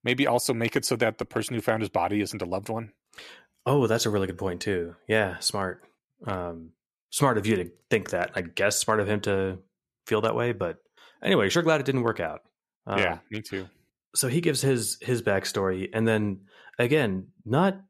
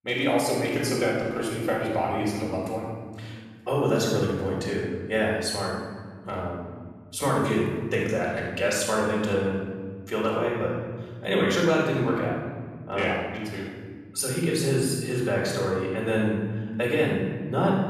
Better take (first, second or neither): first